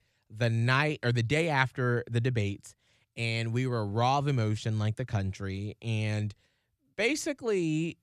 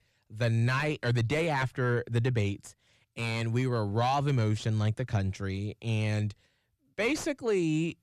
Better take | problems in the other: first | distortion; slight; 10 dB below the speech

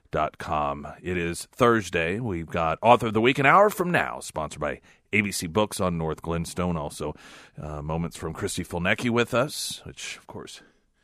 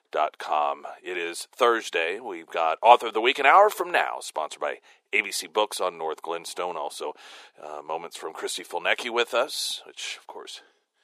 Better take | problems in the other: first | thin; very; fading below 400 Hz

